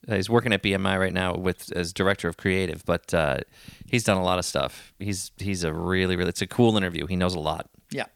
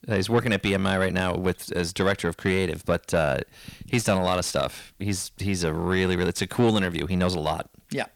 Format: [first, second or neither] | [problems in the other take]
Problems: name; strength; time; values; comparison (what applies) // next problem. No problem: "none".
first | distortion; slight; 10 dB below the speech